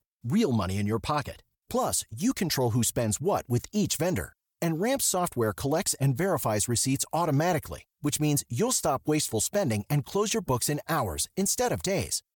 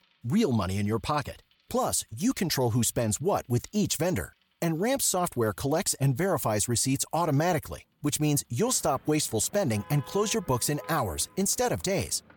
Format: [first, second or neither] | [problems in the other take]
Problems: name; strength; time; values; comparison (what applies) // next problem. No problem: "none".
first | traffic noise; faint; throughout; 25 dB below the speech